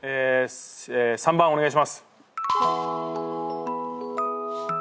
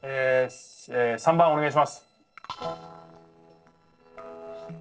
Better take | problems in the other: first | noise reduction (neural separator model SepFormer DNS4)

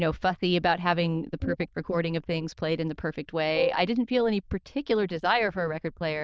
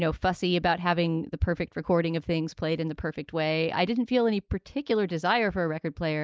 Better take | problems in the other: second | noise reduction (neural diffusion model UNIVERSE++)

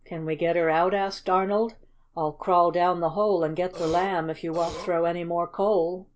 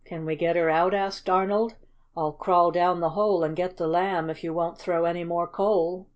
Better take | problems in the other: second | background sound (Burping, eructation); 13 dB below the speech

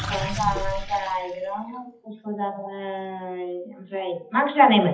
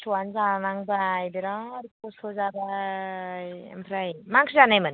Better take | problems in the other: second | noise reduction (classical method WPE with log-MMSE)

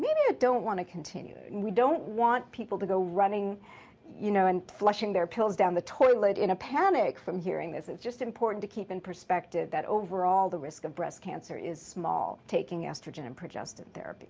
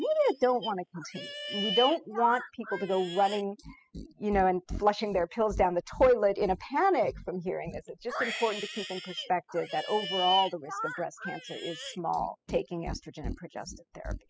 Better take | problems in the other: first | noise reduction (classical method spectral subtraction)

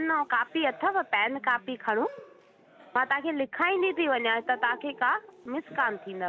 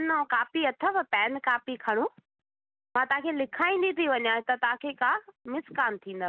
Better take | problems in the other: second | background sound (Cheering); 20 dB below the speech

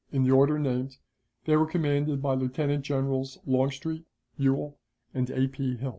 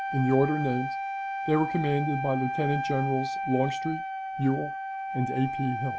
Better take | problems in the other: first | background sound (Wind instrument, woodwind instrument); 4 dB below the speech

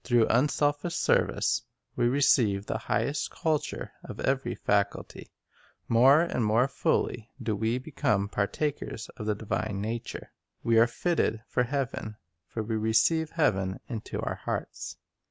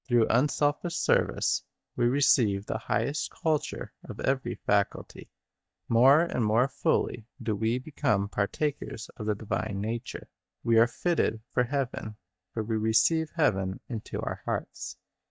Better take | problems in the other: first | noise reduction (neural mask model DeepFilterNet 3)

